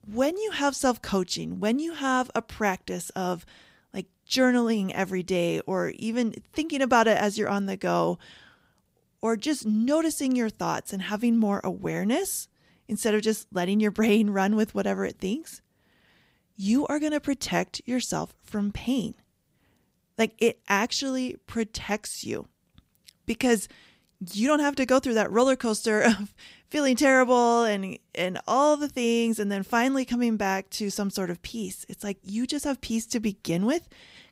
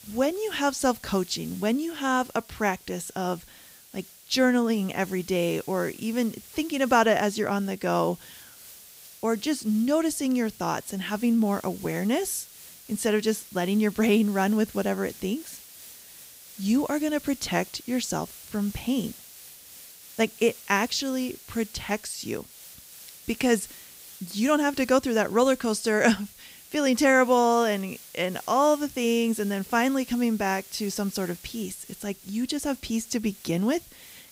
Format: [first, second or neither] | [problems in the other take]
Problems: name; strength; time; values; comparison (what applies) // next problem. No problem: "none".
first | hiss; noticeable; throughout; 20 dB below the speech